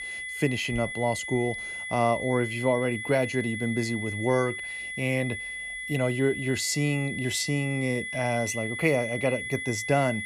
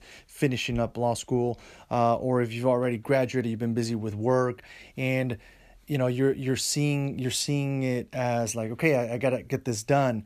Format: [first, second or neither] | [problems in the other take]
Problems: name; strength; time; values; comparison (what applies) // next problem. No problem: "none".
second | high-pitched whine; loud; throughout; 2 kHz, 5 dB below the speech